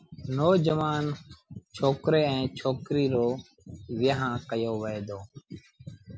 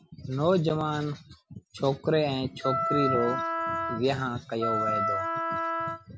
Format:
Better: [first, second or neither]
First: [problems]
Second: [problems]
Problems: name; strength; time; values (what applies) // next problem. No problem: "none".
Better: first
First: none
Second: background sound (Wind instrument, woodwind instrument); as loud as the speech